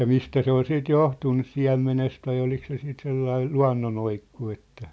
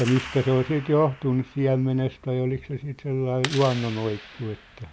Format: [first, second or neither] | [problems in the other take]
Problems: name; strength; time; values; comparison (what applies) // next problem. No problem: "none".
first | background sound (Clapping); 15 dB below the speech